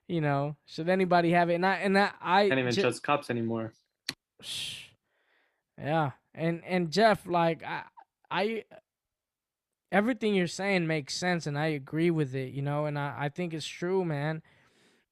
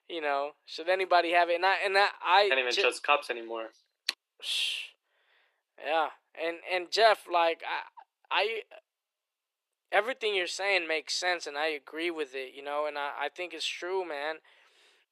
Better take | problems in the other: first | thin; very; fading below 400 Hz

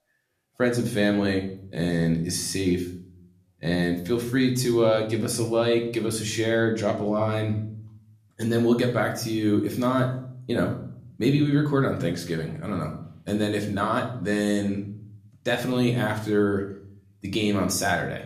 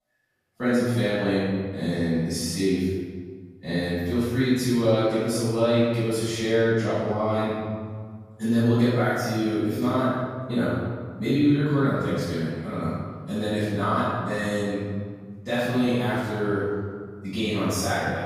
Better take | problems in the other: first | room echo; strong; dies away in 1.6 s; slight in the first // off-mic speech; far; somewhat distant in the first

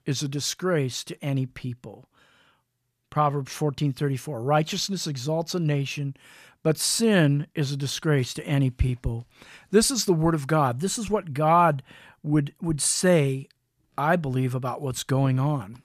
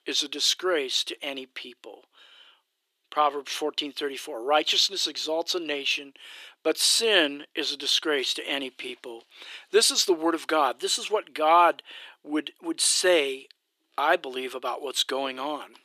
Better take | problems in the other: first | thin; very; fading below 350 Hz

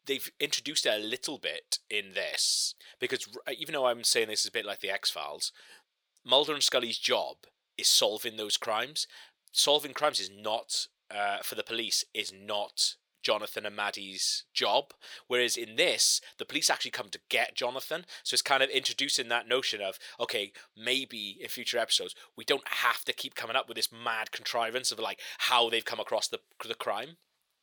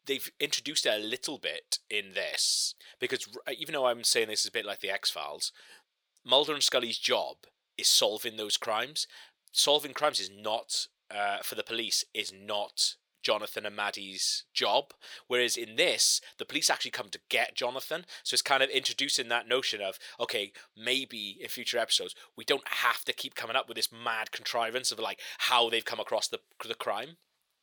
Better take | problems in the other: neither | thin; somewhat; fading below 500 Hz; the same in both

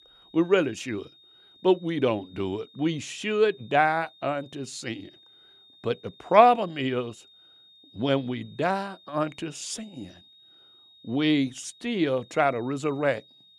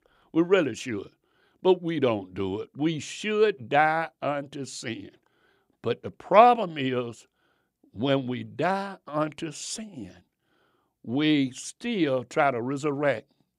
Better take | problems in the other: second | high-pitched whine; faint; throughout; 3.5 kHz, 25 dB below the speech

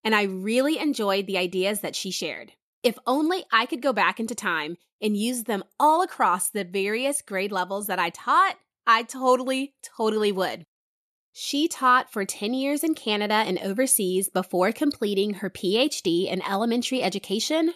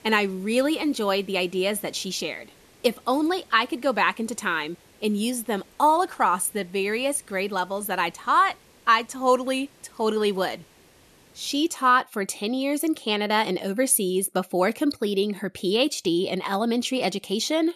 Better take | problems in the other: first | hiss; faint; until 12 s; 30 dB below the speech

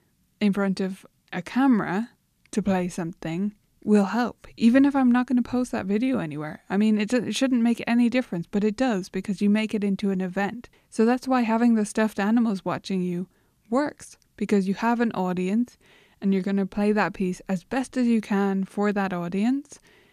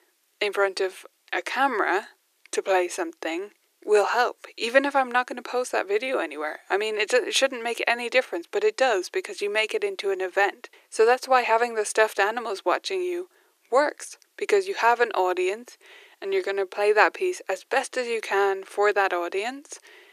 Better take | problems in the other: first | thin; very; fading below 350 Hz

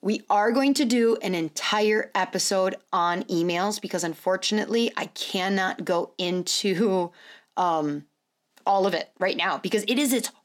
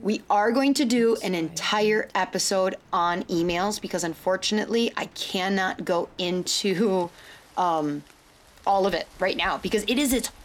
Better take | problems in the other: first | rain or running water; faint; throughout; 25 dB below the speech

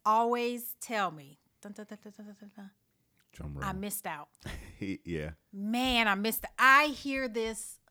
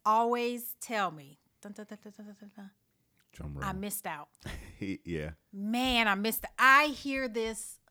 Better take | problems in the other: neither | none

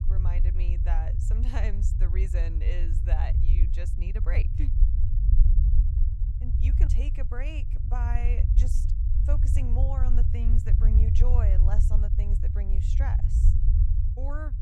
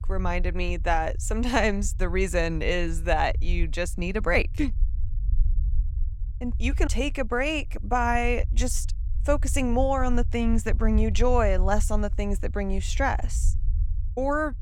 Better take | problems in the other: second | low rumble; loud; throughout; 3 dB below the speech; faint in the second

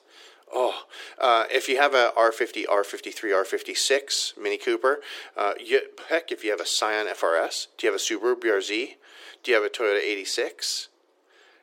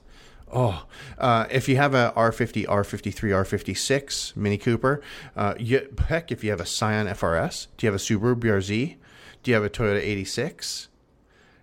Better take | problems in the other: second | thin; very; fading below 350 Hz

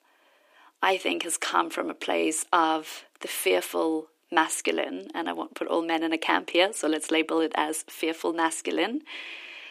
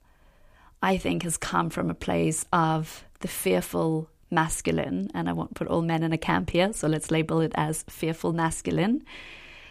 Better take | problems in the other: second | thin; somewhat; fading below 300 Hz

